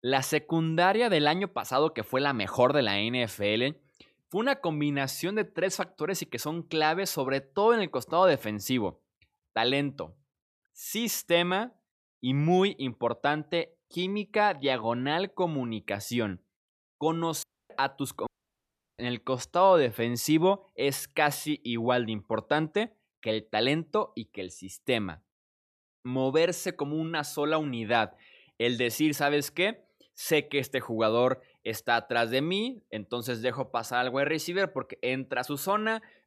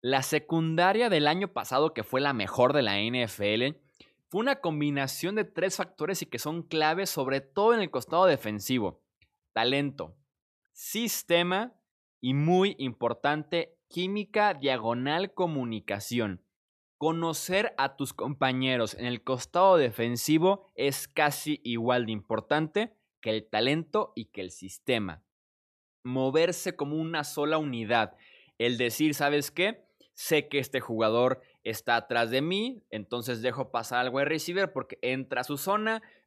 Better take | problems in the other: second | audio cutting out; at 17 s and at 18 s for 0.5 s

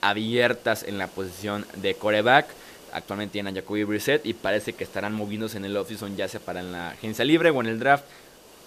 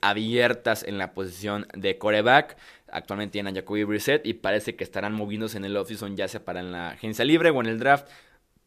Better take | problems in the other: second | hiss; faint; throughout; 20 dB below the speech

